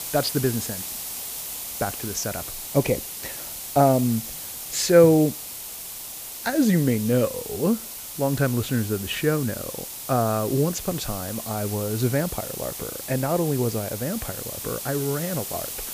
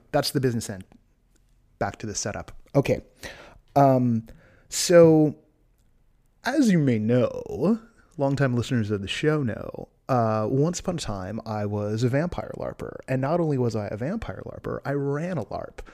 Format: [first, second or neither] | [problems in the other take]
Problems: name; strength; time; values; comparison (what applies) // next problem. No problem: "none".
second | hiss; loud; throughout; 8 dB below the speech